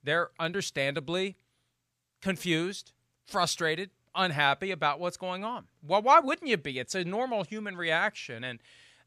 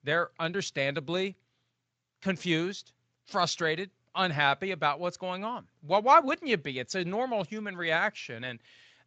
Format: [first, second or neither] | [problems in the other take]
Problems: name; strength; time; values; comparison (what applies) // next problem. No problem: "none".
first | garbled, watery; slightly